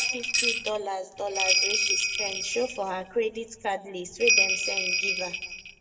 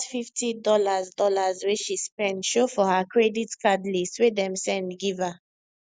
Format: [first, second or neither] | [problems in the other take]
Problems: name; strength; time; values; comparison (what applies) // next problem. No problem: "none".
second | background sound (Bell); 4 dB above the speech // room echo; dies away in 0.8 s